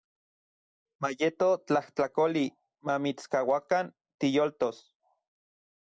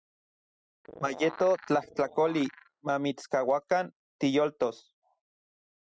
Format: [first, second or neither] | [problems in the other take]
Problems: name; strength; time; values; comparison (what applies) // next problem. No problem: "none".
first | noise reduction (classical method spectral subtraction)